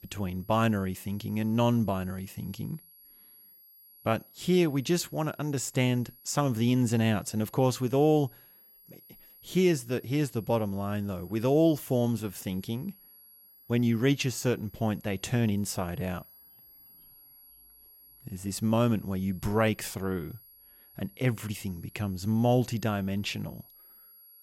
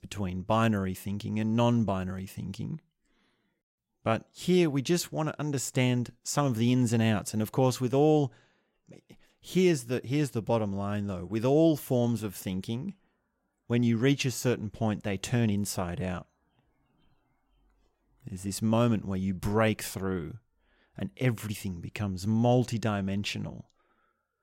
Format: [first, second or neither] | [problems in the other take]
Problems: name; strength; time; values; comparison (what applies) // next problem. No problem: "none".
second | high-pitched whine; faint; throughout; 11.5 kHz, 25 dB below the speech